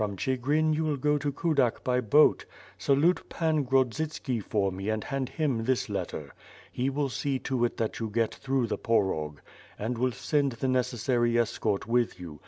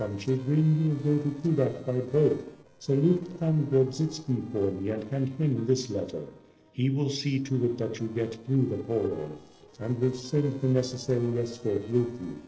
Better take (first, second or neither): first